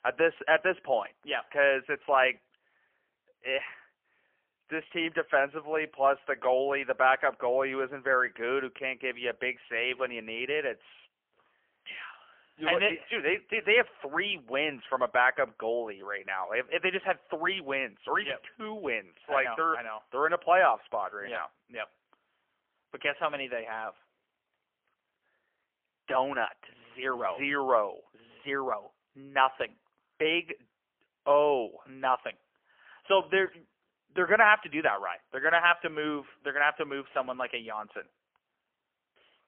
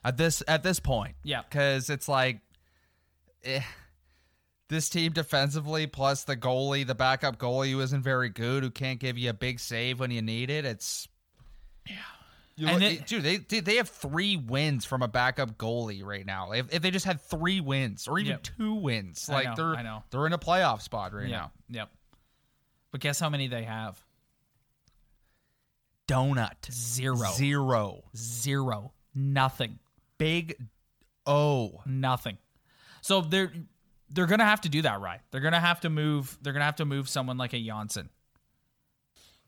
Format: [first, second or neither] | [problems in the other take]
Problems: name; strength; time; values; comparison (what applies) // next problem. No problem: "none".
second | phone-call audio; poor line; nothing above 3 kHz